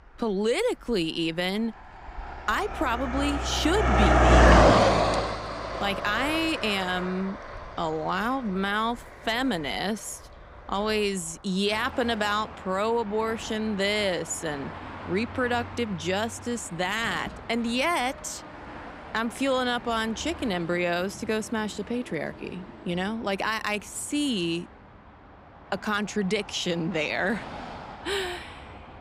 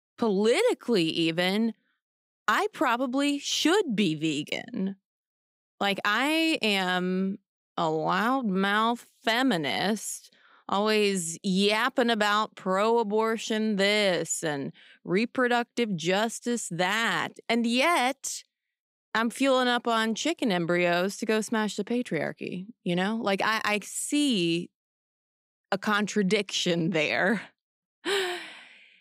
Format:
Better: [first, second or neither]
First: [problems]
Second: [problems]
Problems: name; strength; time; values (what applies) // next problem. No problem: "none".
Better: second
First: traffic noise; very loud; throughout; 2 dB above the speech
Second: none